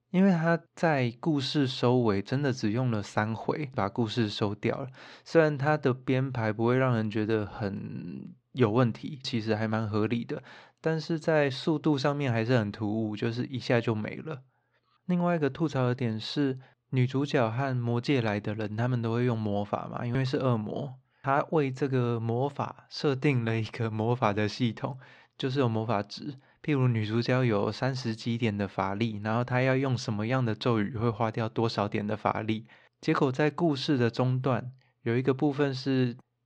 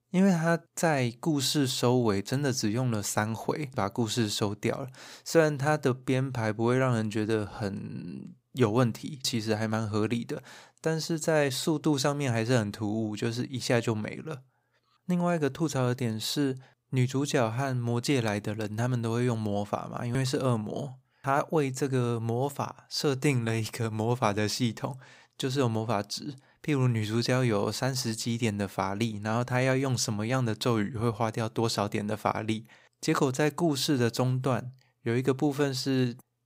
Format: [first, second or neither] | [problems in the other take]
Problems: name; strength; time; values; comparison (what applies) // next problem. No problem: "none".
second | muffled; very slightly; fading above 4 kHz